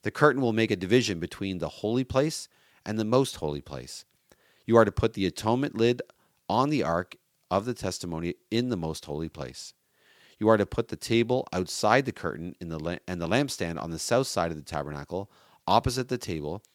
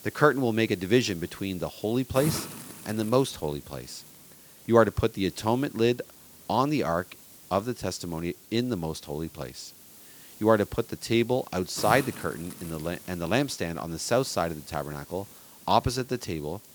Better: first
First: none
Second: hiss; noticeable; throughout; 15 dB below the speech

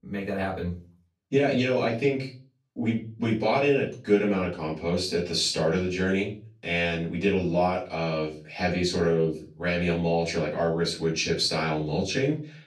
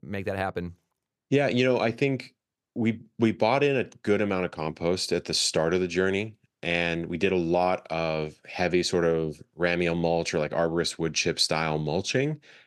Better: second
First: off-mic speech; far // room echo; slight; dies away in 0.3 s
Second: none

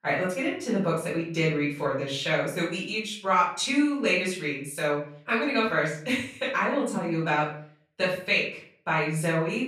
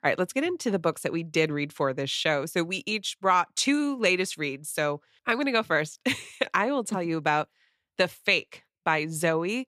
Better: second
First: off-mic speech; far // room echo; noticeable; dies away in 0.5 s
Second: none

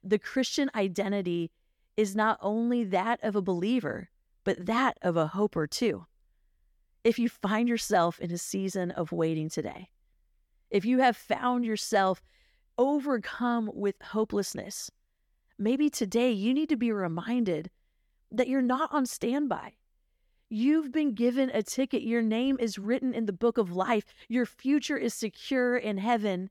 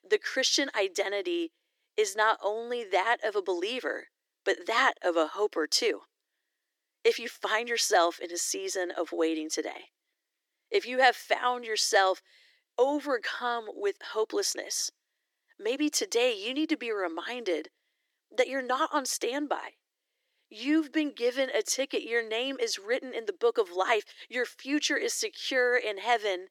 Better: first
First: none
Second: thin; somewhat; fading below 300 Hz

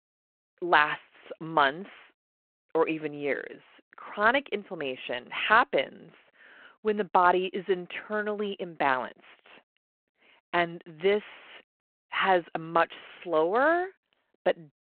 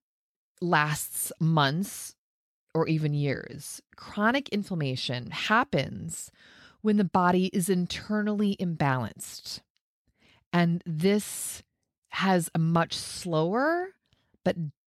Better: second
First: phone-call audio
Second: none

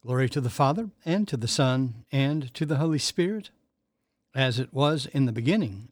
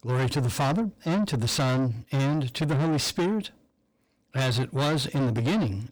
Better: first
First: none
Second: distortion; heavy; 6 dB below the speech

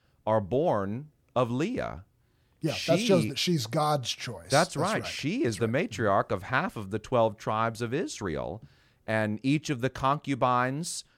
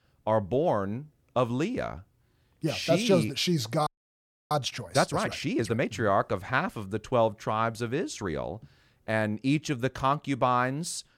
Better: first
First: none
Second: audio freezing; at 4 s for 0.5 s

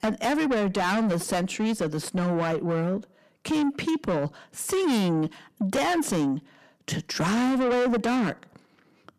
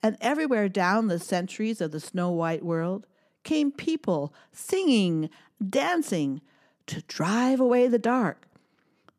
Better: second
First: distortion; heavy; 7 dB below the speech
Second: none

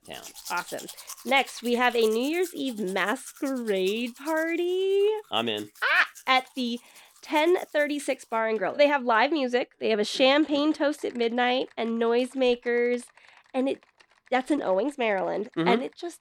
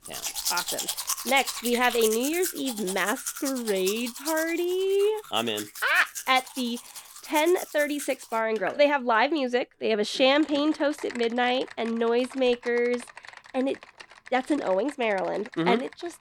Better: first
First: household noises; faint; throughout; 20 dB below the speech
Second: household noises; loud; throughout; 9 dB below the speech

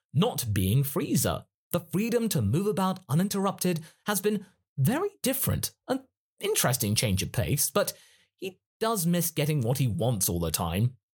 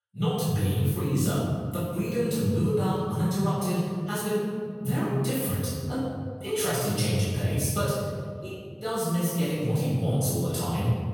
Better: first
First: none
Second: room echo; strong; dies away in 2.1 s // off-mic speech; far

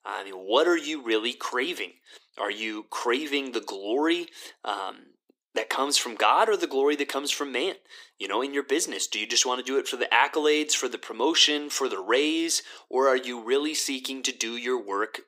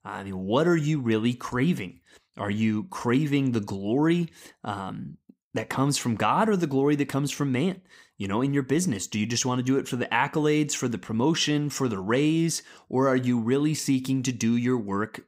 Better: second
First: thin; very; fading below 350 Hz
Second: none

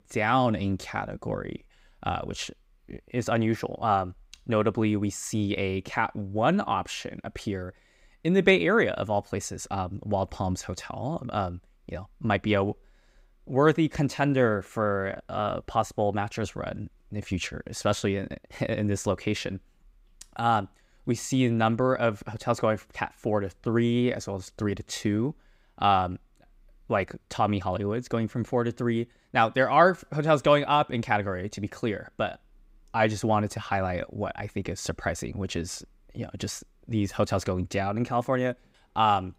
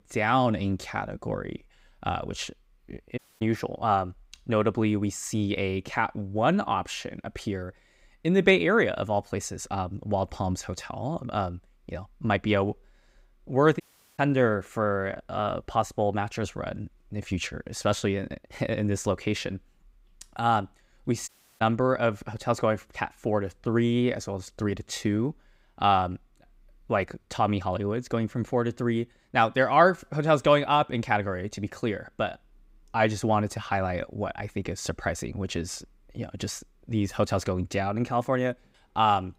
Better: first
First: none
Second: audio cutting out; at 3 s, at 14 s and at 21 s

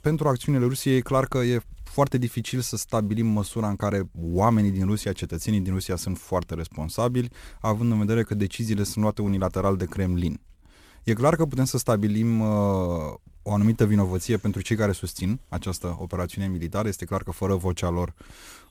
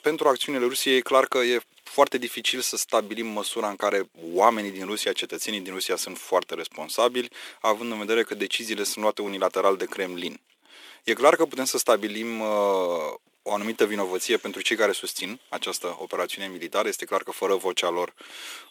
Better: first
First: none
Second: thin; very; fading below 350 Hz

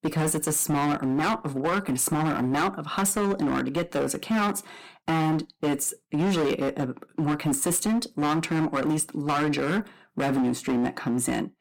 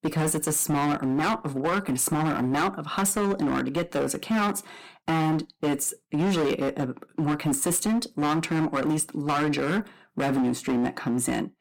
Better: neither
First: distortion; heavy; 17% of the sound clipped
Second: distortion; heavy; 17% of the sound clipped

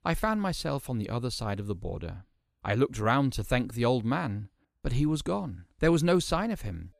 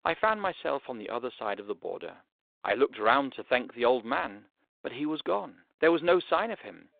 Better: first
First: none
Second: phone-call audio; nothing above 3.5 kHz

